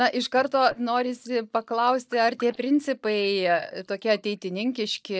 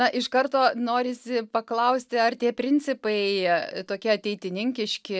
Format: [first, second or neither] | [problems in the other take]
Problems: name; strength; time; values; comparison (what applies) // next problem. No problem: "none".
second | noise reduction (neural mask model DeepFilterNet 3)